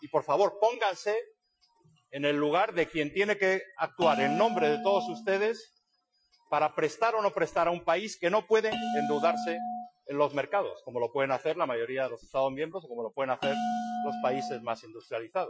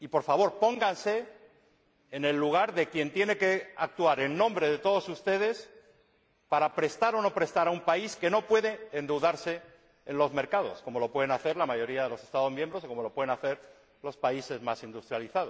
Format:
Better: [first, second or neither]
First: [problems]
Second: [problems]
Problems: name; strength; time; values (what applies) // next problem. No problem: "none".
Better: second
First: noise reduction (classical method Wiener filter)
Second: none